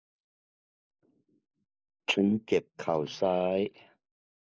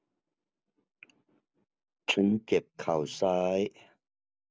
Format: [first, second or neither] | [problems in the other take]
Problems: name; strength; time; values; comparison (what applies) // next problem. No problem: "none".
second | noise reduction (neural mask model Resemble Enhance denoiser)